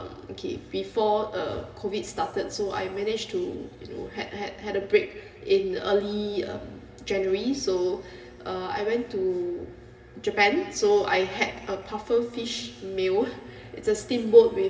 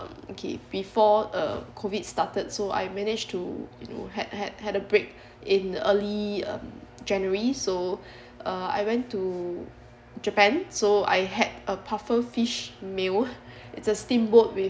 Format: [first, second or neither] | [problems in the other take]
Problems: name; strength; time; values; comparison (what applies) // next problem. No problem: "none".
second | room echo; dies away in 2.2 s